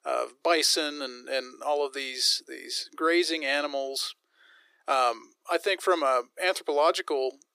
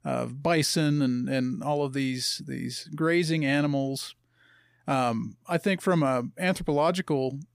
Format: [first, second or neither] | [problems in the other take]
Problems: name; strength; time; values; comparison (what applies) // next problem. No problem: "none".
second | thin; very; fading below 350 Hz